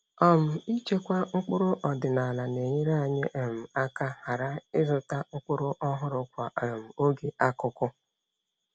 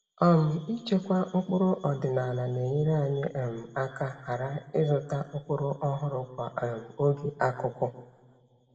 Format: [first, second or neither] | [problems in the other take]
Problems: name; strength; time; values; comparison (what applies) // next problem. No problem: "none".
first | room echo; dies away in 1.3 s